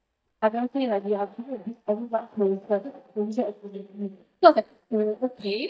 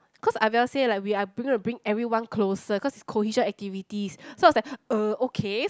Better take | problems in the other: second | noise reduction (neural mask model DeepFilterNet 3)

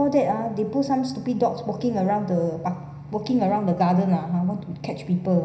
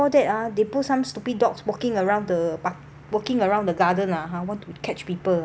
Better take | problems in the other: second | room echo; dies away in 0.9 s

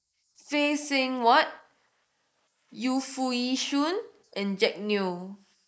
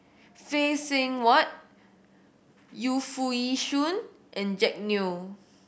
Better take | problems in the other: second | noise reduction (neural mask model Resemble Enhance denoiser)

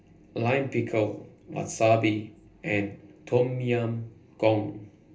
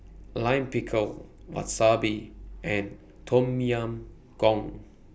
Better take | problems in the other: second | room echo; dies away in 0.3 s

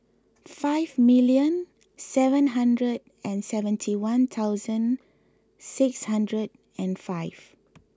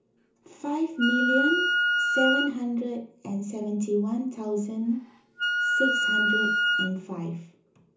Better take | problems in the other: first | background sound (Wind instrument, woodwind instrument); 3 dB above the speech // room echo; dies away in 0.8 s

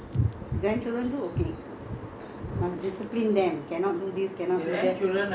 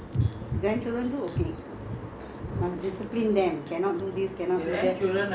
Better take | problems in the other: first | background sound (Bass guitar); 18 dB below the speech

